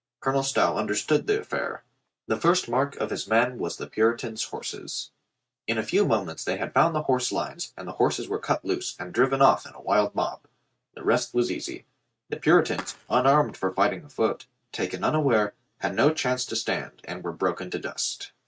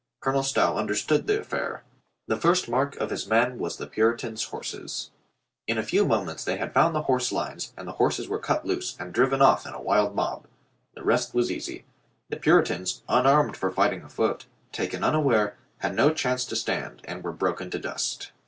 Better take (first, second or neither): second